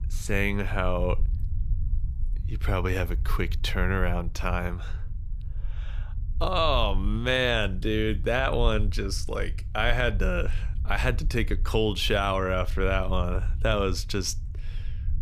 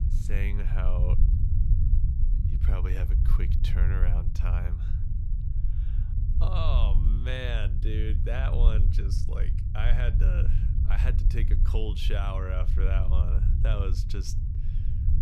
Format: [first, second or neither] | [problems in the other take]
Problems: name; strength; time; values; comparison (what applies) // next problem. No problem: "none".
first | low rumble; loud; throughout; 6 dB below the speech; faint in the first